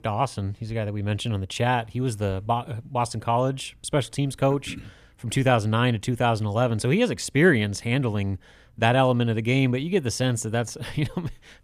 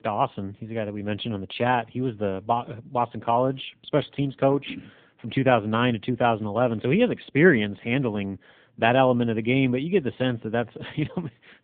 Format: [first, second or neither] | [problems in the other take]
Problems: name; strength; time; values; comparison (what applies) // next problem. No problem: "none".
first | phone-call audio